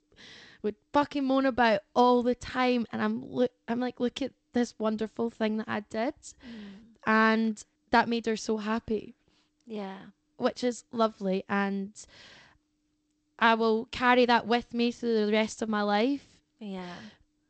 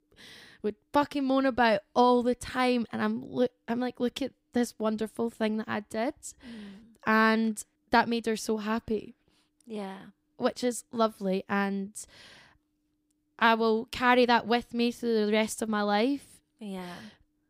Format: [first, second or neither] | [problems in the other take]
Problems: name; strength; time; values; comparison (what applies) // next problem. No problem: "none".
second | garbled, watery; slightly; nothing above 8 kHz